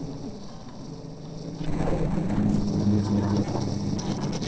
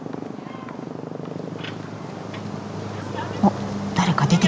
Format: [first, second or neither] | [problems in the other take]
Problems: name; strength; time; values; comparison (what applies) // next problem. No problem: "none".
second | noise reduction (neural separator model SepFormer DNS4)